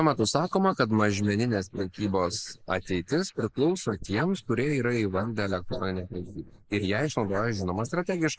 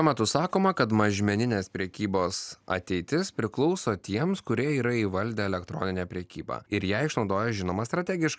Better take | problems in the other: second | noise reduction (neural mask model Resemble Enhance denoiser)

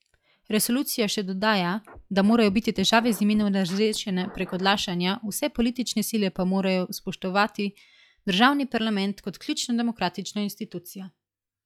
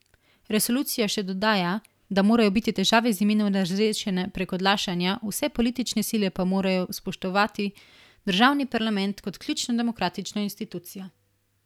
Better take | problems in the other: second | noise reduction (classical method log-MMSE)

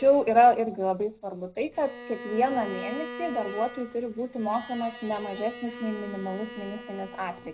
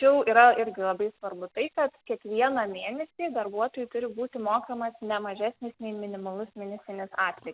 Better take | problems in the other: second | background sound (Bowed string instrument); 14 dB below the speech // room echo; dies away in 0.4 s

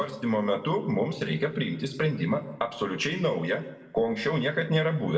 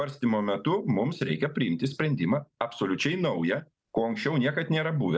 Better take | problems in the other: second | room echo; dies away in 0.7 s

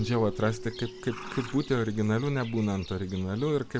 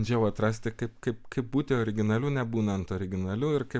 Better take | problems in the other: second | background sound (Keyboard (musical) + Livestock, farm animals, working animals); 15 dB below the speech

